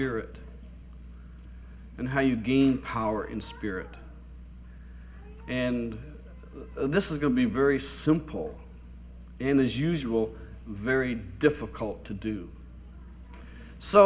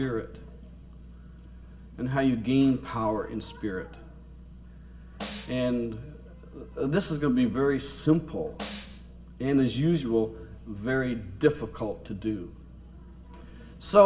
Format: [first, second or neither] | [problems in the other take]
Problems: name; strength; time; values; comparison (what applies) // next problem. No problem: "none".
first | background sound (Snare drum); 16 dB below the speech // room echo; dies away in 0.5 s